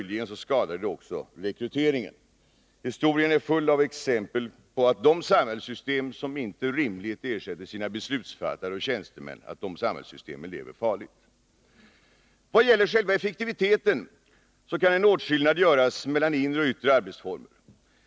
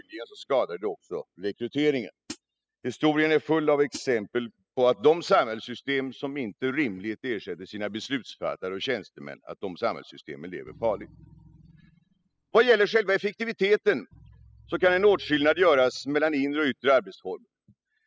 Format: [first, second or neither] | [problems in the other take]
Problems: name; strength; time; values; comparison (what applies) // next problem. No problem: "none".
first | noise reduction (classical method spectral subtraction)